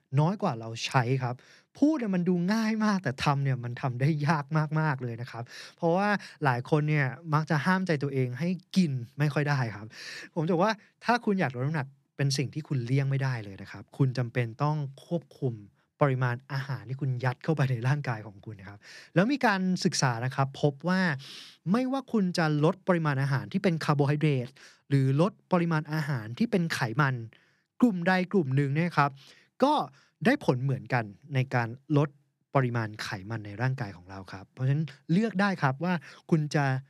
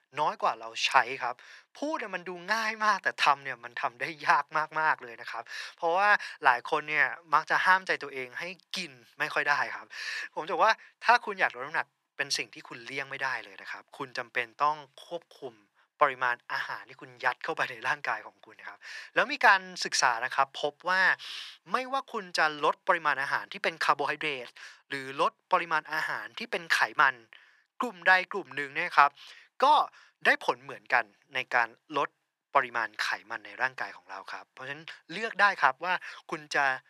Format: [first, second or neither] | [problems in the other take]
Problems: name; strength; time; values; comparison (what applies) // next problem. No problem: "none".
first | thin; very; fading below 700 Hz